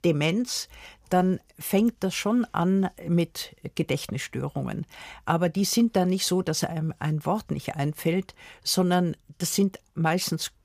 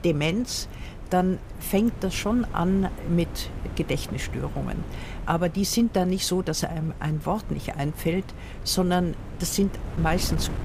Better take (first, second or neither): first